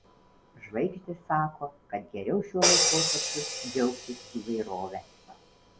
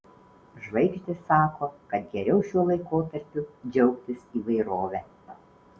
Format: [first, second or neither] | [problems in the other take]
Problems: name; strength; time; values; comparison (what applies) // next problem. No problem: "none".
second | background sound (Crash cymbal); 1 dB above the speech